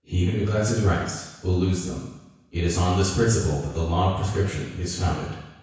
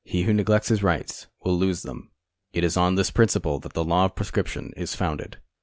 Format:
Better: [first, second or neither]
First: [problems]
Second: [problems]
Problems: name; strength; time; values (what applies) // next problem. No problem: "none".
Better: second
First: room echo; dies away in 1.1 s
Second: none